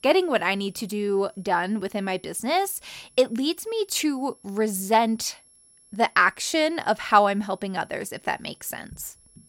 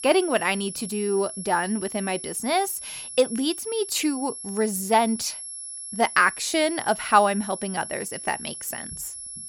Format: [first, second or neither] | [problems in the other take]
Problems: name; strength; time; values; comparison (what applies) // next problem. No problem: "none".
first | high-pitched whine; loud; throughout; 11 kHz, 9 dB below the speech; faint in the first